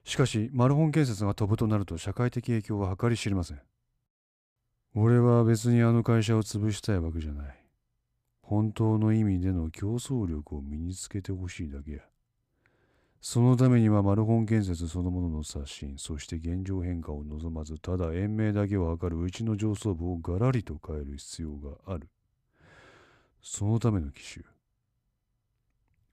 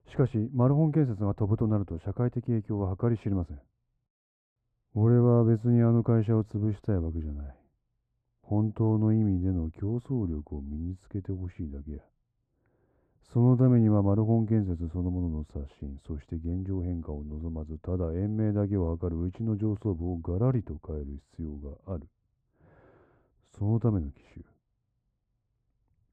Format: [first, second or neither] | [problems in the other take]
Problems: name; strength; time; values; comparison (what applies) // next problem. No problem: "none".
first | muffled; very; fading above 2 kHz